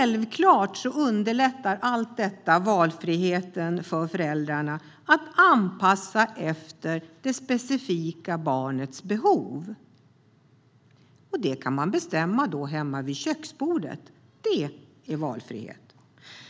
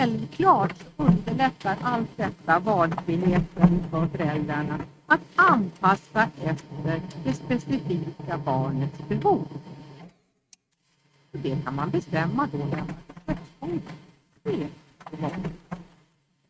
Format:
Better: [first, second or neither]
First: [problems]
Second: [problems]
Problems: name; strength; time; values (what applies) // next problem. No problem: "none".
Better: first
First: none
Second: noise reduction (neural mask model RNNoise)